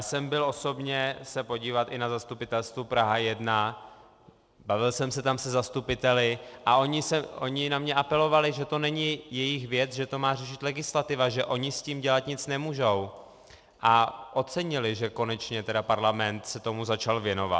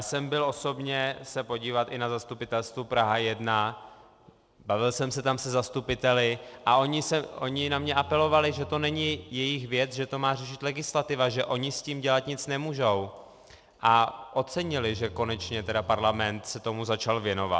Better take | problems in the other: first | background sound (Bowed string instrument); 16 dB below the speech

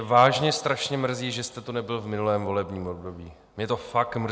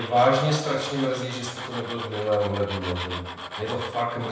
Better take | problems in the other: first | background sound (Tools); 10 dB below the speech // room echo; dies away in 0.9 s

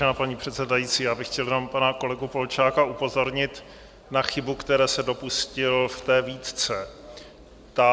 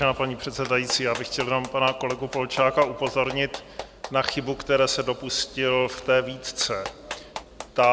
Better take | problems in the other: first | background sound (Clapping); 15 dB below the speech

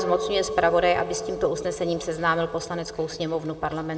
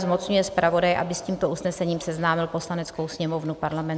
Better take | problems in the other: second | background sound (Chink, clink); 9 dB below the speech // room echo; dies away in 0.8 s

